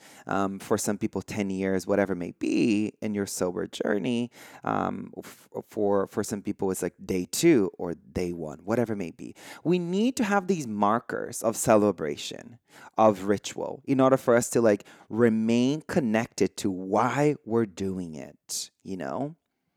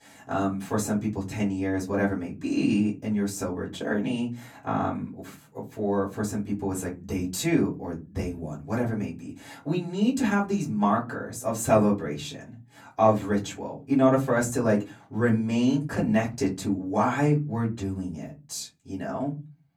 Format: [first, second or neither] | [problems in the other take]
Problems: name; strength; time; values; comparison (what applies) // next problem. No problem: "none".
first | off-mic speech; far // room echo; very slight; dies away in 0.4 s